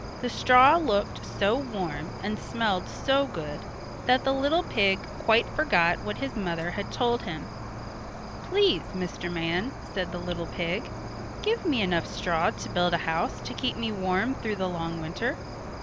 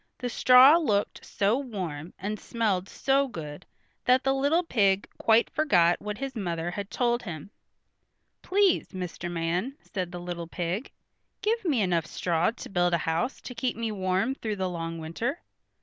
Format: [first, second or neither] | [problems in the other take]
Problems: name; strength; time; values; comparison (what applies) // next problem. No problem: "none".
second | background sound (Cricket); 9 dB below the speech